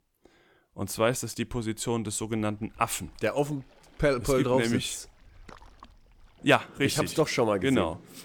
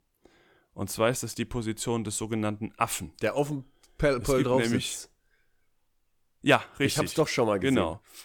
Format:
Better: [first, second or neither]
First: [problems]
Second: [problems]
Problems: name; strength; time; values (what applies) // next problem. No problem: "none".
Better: second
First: rain or running water; faint; from 2.5 s on; 25 dB below the speech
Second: none